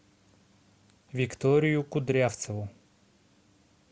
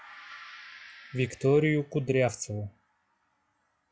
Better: first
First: none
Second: noise reduction (classical method log-MMSE)

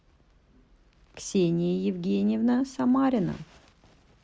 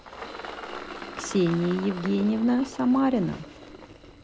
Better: first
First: none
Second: background sound (Engine); 13 dB below the speech

